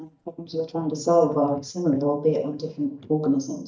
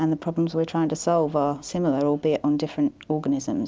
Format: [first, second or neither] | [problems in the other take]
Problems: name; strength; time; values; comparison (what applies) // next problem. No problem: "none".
second | noise reduction (neural mask model DeepFilterNet 3)